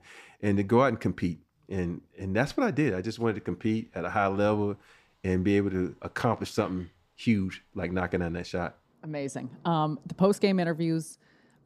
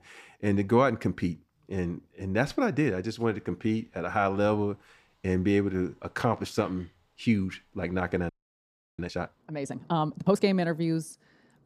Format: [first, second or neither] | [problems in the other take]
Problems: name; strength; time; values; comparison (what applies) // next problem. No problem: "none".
first | audio freezing; at 8.5 s for 0.5 s